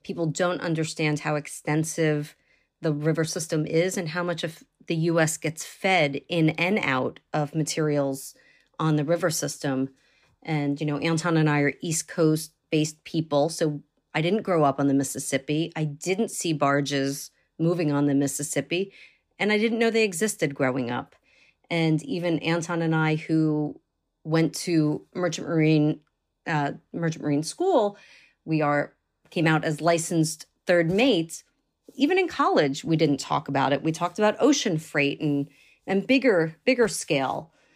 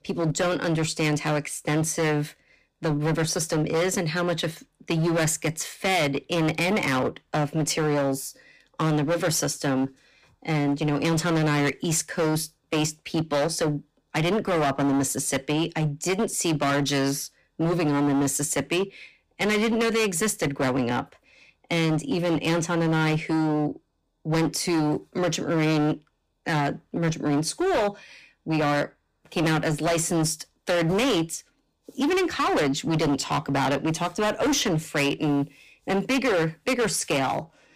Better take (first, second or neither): first